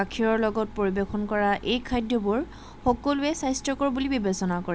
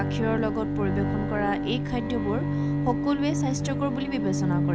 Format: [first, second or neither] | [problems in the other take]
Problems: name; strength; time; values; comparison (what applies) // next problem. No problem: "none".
first | background sound (Bowed string instrument); 3 dB above the speech